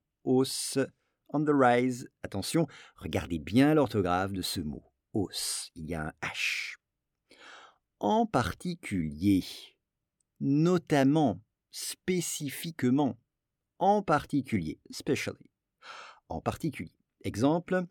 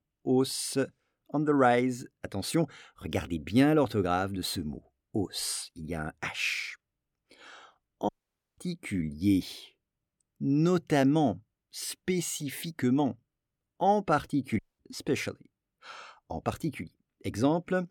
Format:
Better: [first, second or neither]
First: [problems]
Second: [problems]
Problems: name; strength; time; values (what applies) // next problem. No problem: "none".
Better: first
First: none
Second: audio cutting out; at 8 s and at 15 s